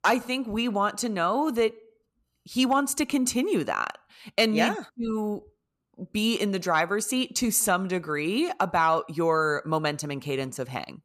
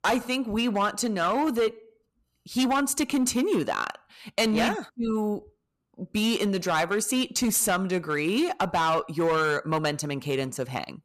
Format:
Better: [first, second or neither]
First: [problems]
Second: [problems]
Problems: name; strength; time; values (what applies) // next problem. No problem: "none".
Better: first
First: none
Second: distortion; slight; 8% of the sound clipped